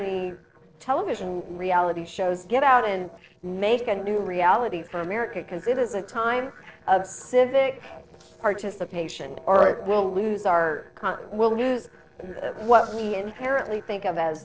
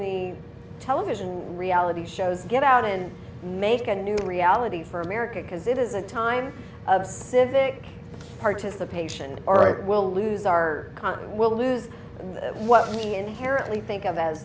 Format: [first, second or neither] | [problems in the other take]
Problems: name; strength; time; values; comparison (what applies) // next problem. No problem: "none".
second | noise reduction (neural separator model SepFormer DNS4)